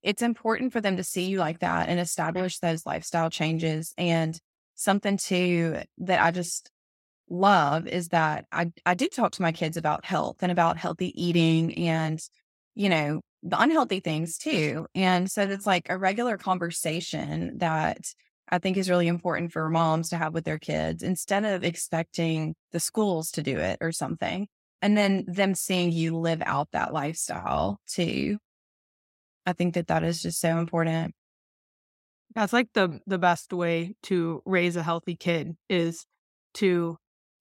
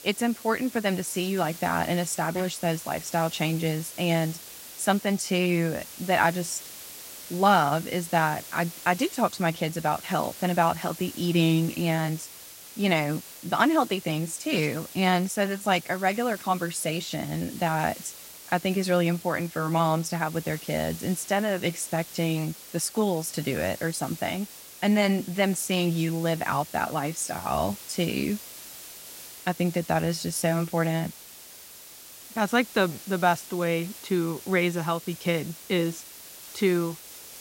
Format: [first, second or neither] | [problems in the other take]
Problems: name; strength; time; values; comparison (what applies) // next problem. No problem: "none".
first | hiss; noticeable; throughout; 15 dB below the speech